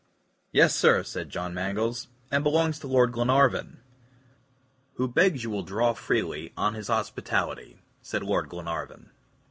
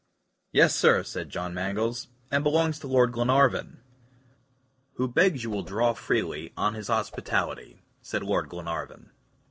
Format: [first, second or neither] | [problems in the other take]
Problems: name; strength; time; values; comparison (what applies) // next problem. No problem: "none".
first | noise reduction (neural separator model SepFormer DNS4)